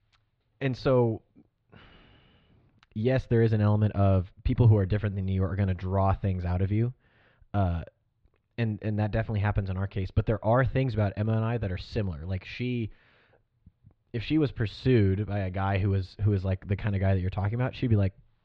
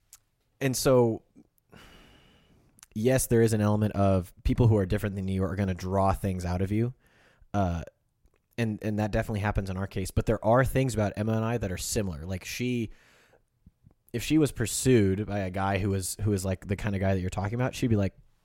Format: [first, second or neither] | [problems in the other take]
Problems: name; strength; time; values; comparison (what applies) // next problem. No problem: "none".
second | muffled; slightly; fading above 4 kHz